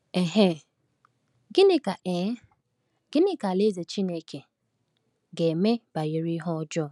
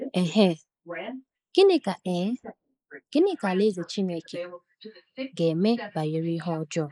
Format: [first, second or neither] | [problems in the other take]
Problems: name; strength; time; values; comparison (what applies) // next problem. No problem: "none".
first | noise reduction (neural mask model Resemble Enhance denoiser)